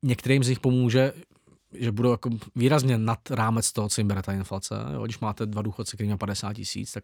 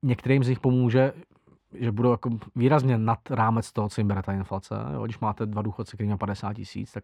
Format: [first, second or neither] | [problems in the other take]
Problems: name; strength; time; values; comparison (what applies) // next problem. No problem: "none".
first | muffled; very; fading above 3.5 kHz